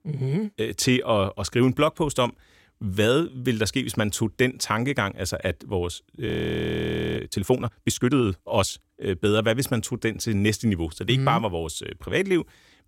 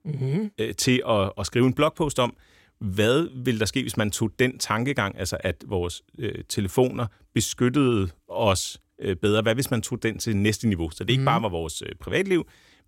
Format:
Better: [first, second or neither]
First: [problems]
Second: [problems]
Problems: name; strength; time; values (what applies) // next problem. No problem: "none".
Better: second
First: audio freezing; at 6.5 s for 1 s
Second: none